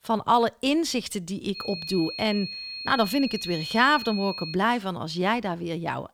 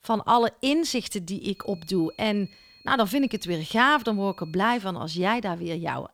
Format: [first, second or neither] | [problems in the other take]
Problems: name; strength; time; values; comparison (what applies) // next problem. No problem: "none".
second | high-pitched whine; loud; from 1.5 to 4.5 s; 4.5 kHz, 8 dB below the speech; faint in the second